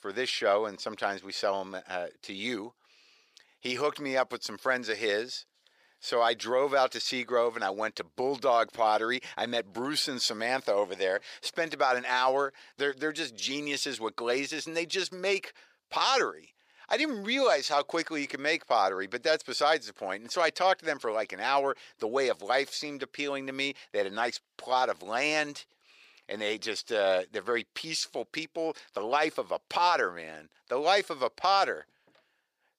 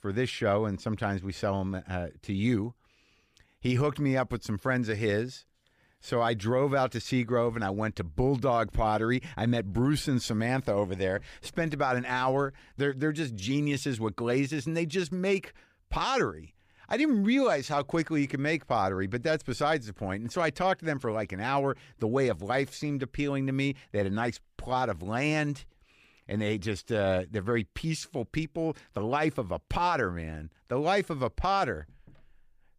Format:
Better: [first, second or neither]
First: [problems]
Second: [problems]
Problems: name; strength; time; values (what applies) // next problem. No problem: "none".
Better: second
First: thin; somewhat; fading below 550 Hz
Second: none